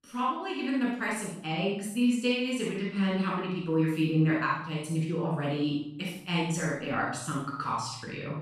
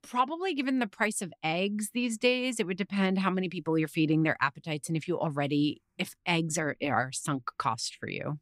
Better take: second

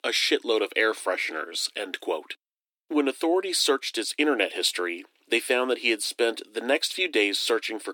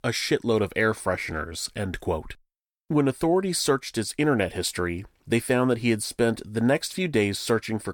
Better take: second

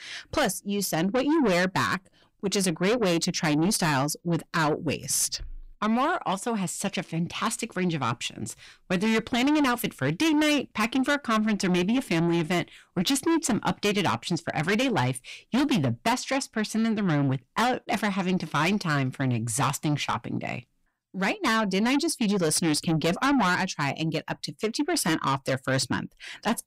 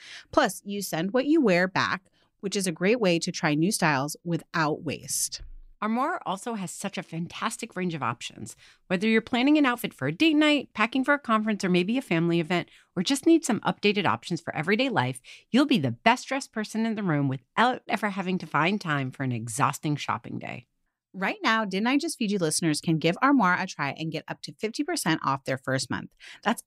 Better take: second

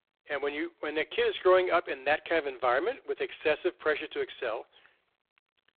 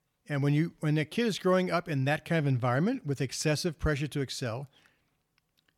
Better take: second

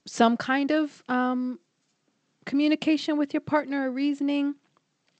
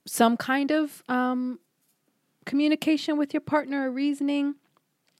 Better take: second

